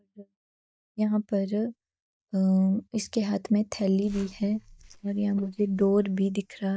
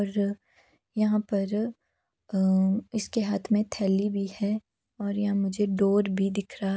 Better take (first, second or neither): second